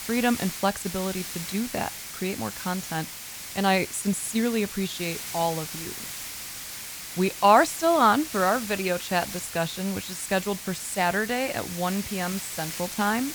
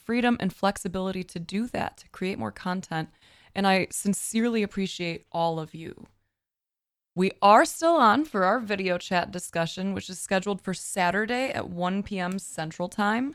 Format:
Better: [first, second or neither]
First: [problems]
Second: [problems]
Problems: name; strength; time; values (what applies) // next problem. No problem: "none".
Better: second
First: hiss; loud; throughout; 8 dB below the speech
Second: none